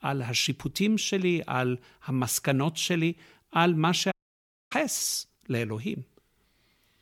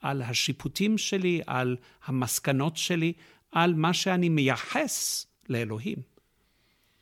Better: second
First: audio cutting out; at 4 s for 0.5 s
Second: none

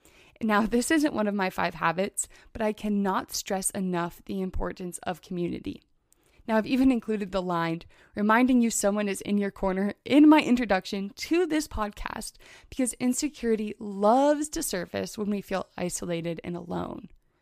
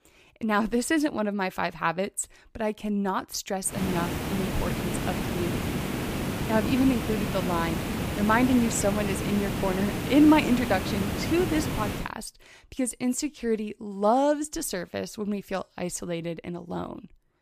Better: first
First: none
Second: hiss; loud; from 3.5 to 12 s; 3 dB below the speech

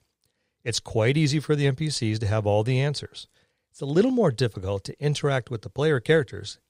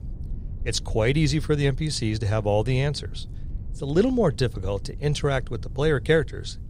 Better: first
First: none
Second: low rumble; faint; throughout; 25 dB below the speech

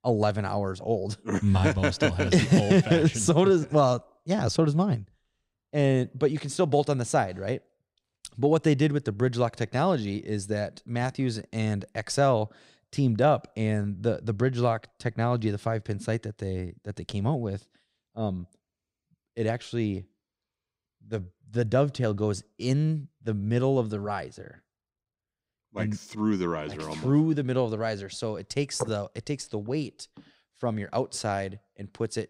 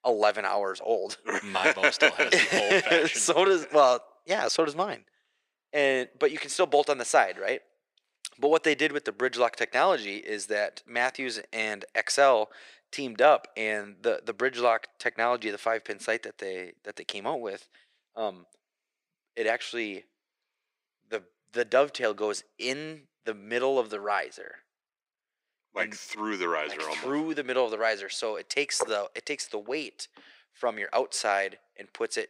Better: first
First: none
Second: thin; very; fading below 400 Hz

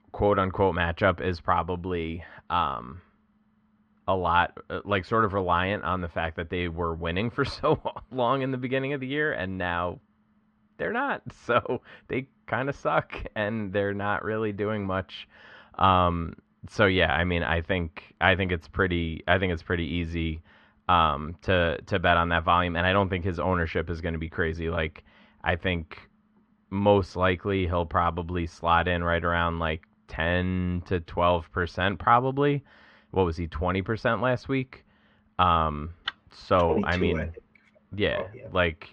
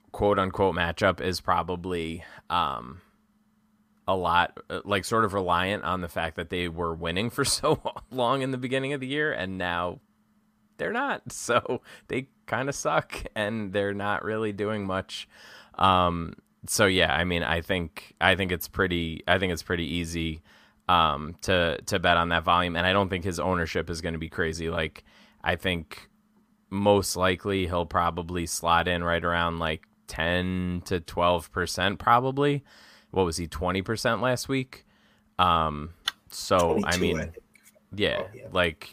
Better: second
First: muffled; slightly; fading above 3 kHz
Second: none

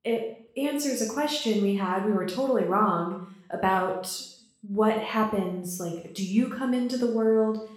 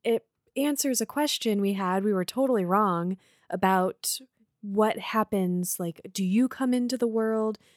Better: second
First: room echo; noticeable; dies away in 0.6 s // off-mic speech; far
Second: none

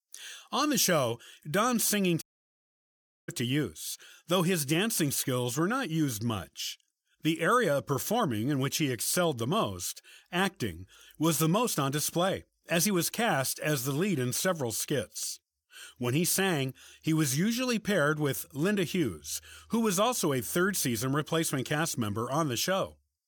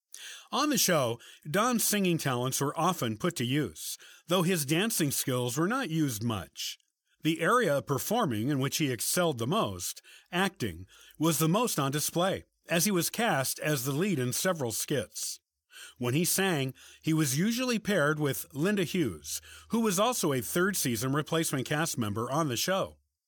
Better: second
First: audio cutting out; at 2 s for 1 s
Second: none

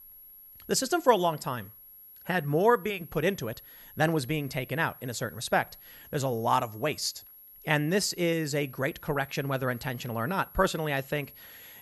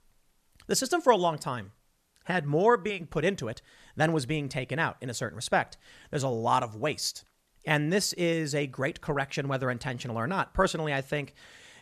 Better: second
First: high-pitched whine; noticeable; throughout; 11.5 kHz, 20 dB below the speech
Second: none

